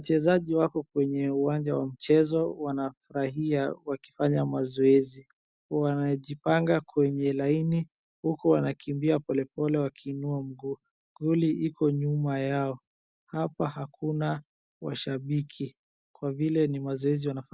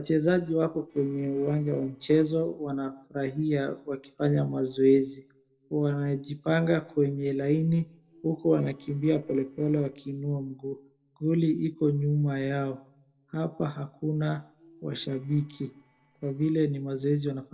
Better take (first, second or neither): first